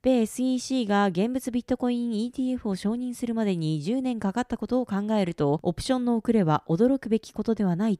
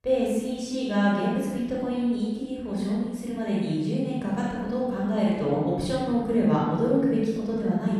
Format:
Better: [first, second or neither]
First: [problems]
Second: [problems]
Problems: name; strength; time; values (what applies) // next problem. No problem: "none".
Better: first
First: none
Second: off-mic speech; far // room echo; strong; dies away in 1.4 s